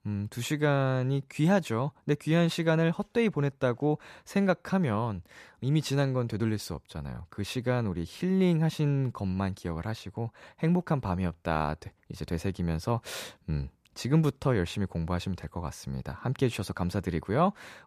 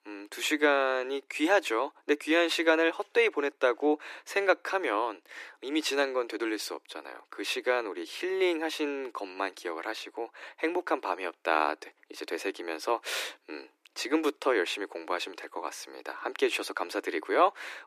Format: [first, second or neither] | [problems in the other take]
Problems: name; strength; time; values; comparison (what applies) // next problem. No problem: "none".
first | thin; very; fading below 300 Hz